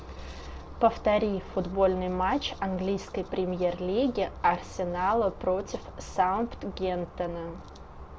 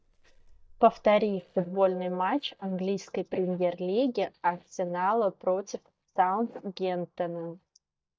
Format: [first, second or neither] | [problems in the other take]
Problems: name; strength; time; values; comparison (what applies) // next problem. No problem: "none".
first | noise reduction (neural mask model DeepFilterNet 3)